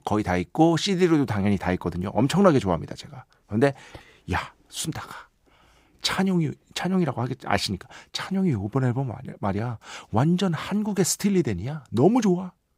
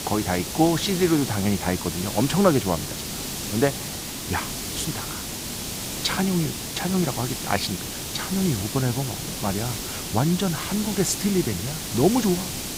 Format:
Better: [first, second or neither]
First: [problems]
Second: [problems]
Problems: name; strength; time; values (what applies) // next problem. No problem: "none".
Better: first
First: none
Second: hiss; loud; throughout; 4 dB below the speech